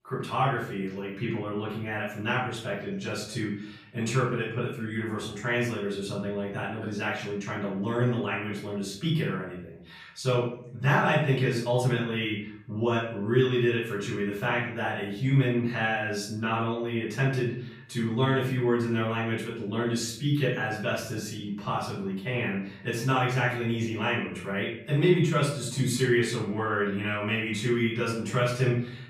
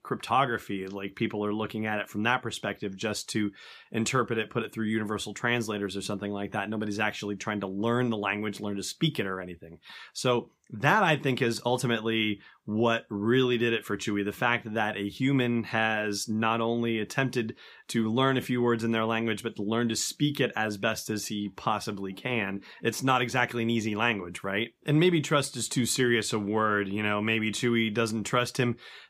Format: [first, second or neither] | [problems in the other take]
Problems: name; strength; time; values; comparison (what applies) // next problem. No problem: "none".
second | off-mic speech; far // room echo; noticeable; dies away in 0.6 s